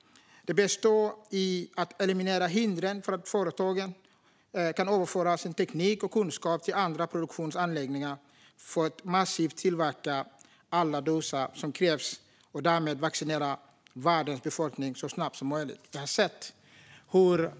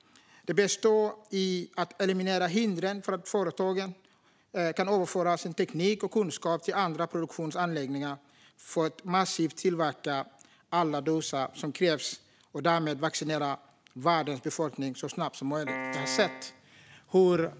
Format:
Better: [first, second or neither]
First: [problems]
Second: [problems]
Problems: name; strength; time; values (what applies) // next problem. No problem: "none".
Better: first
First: none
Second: background sound (Piano); 6 dB below the speech